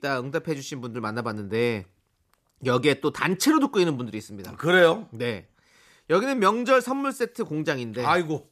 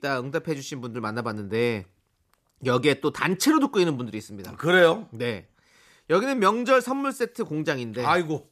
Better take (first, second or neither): neither